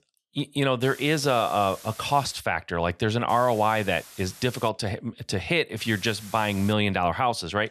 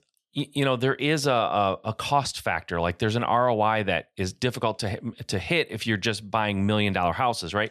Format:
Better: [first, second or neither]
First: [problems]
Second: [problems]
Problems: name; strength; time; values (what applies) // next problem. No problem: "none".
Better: second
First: hiss; noticeable; from 1 to 2.5 s, from 3.5 to 4.5 s and at 6 s; 20 dB below the speech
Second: none